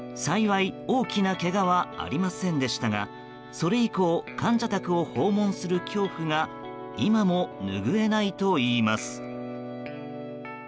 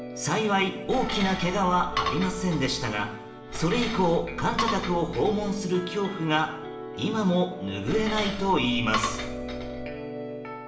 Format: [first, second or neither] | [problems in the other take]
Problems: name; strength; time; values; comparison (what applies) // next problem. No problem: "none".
first | background sound (Cutlery, silverware / Dishes, pots, and pans); 7 dB below the speech // room echo; dies away in 0.7 s